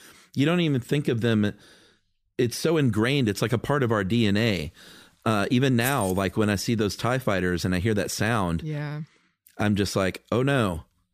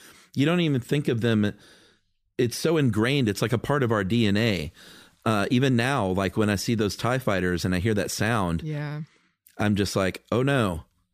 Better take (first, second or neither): second